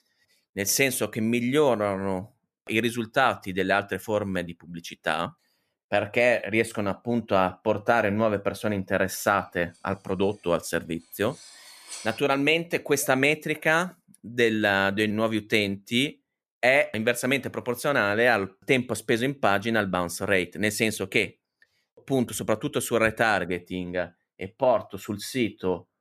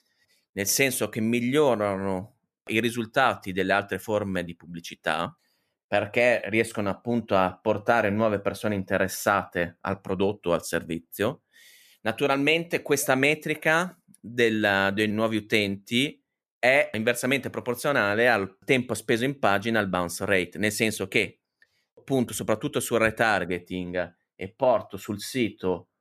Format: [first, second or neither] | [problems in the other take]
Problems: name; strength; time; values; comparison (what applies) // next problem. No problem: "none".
second | clattering dishes; faint; from 10 to 12 s; peak 15 dB below the speech